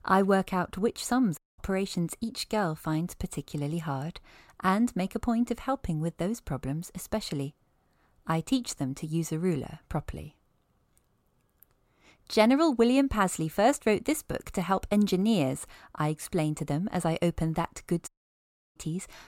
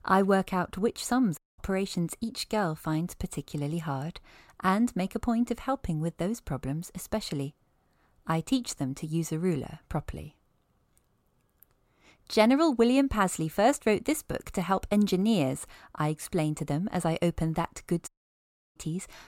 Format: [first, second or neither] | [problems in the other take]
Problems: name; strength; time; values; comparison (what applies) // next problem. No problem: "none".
neither | audio cutting out; at 1.5 s and at 18 s for 0.5 s; the same in both